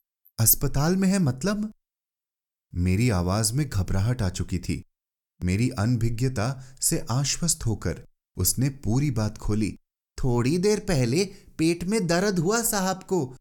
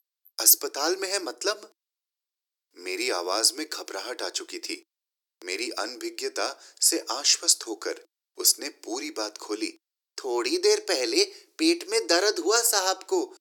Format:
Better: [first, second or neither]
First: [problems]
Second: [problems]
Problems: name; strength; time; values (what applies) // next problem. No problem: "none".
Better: first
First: none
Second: thin; very; fading below 300 Hz